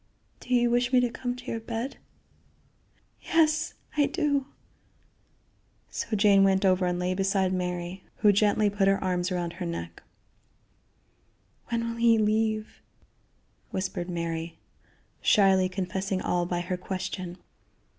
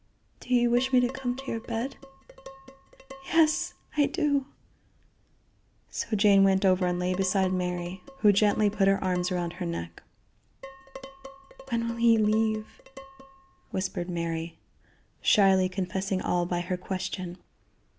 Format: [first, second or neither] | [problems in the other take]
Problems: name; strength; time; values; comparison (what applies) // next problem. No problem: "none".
first | background sound (Dishes, pots, and pans); 17 dB below the speech